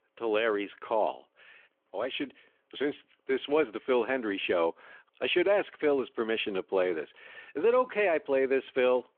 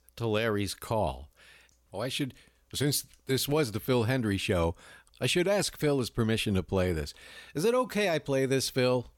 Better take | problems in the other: second | phone-call audio; nothing above 3.5 kHz

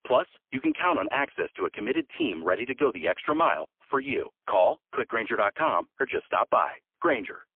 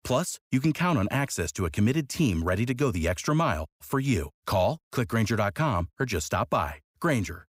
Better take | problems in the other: second | phone-call audio; poor line; nothing above 3 kHz

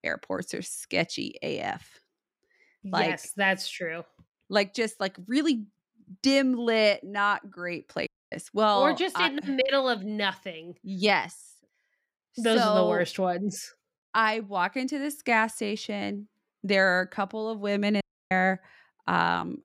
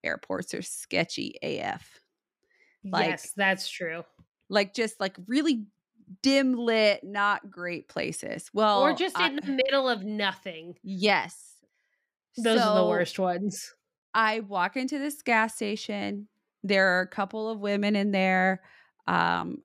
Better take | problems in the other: second | audio cutting out; at 8 s and at 18 s

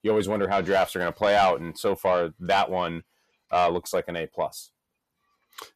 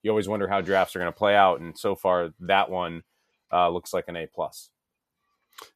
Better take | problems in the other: second | distortion; slight; 10 dB below the speech

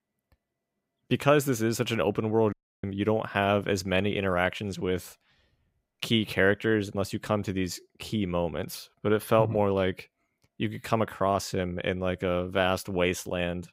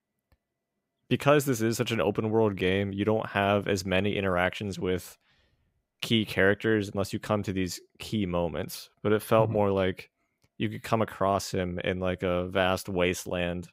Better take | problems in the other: second | audio cutting out; at 2.5 s

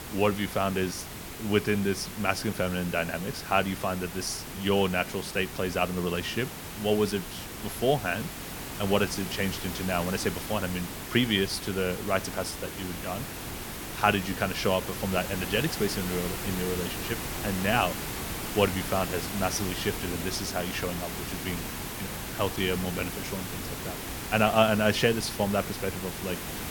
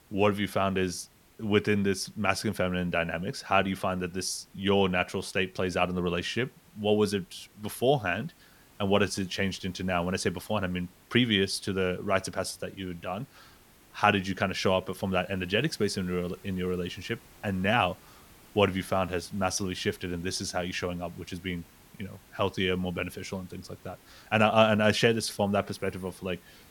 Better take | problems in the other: second | hiss; loud; throughout; 6 dB below the speech; faint in the second

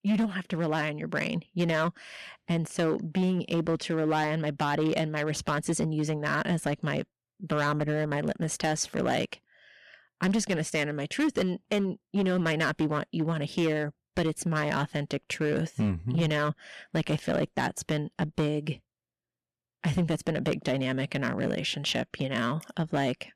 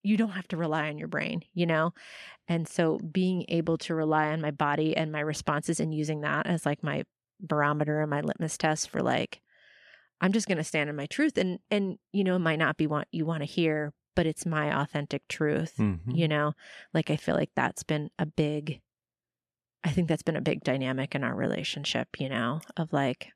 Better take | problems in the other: second | distortion; slight; 7% of the sound clipped

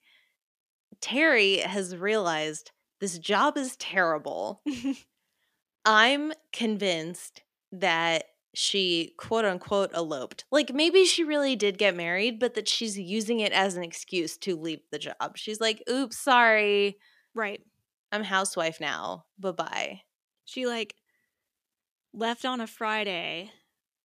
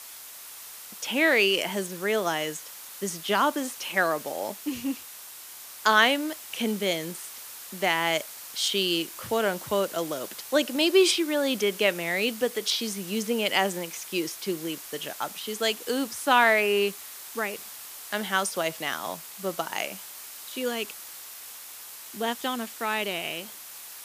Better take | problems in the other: first | hiss; noticeable; throughout; 15 dB below the speech

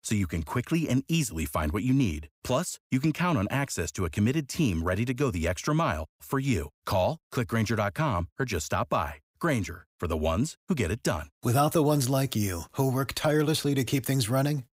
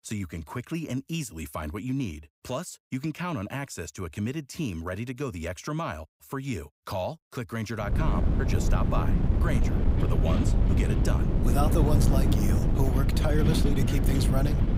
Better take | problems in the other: first | wind noise on the microphone; heavy; from 8 s on; 1 dB below the speech

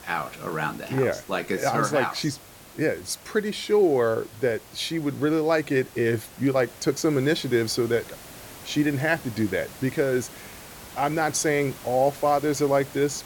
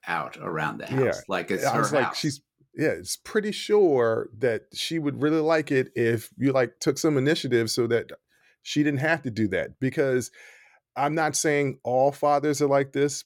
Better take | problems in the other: second | hiss; noticeable; throughout; 20 dB below the speech

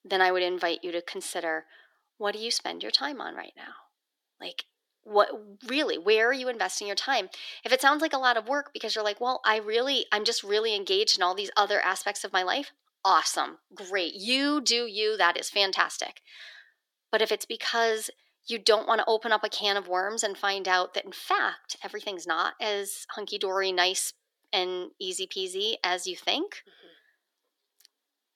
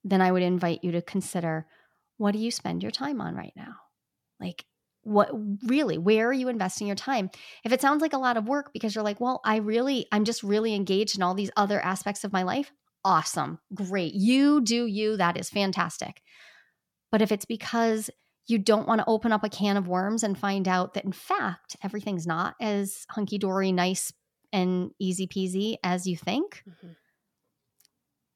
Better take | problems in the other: second | thin; very; fading below 350 Hz

